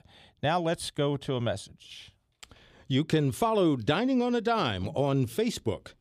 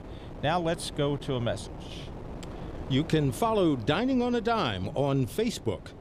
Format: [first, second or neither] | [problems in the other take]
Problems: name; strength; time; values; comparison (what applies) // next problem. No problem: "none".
first | wind noise on the microphone; occasional gusts; 15 dB below the speech